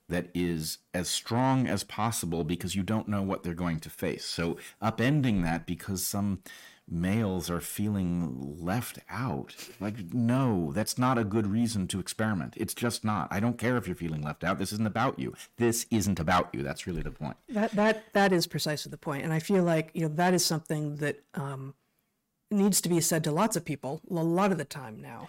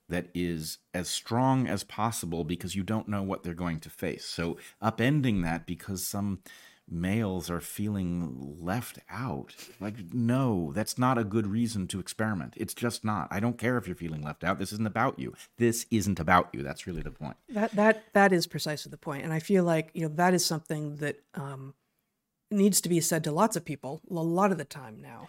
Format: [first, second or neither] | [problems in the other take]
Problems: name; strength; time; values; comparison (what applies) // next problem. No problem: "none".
second | distortion; slight; 10 dB below the speech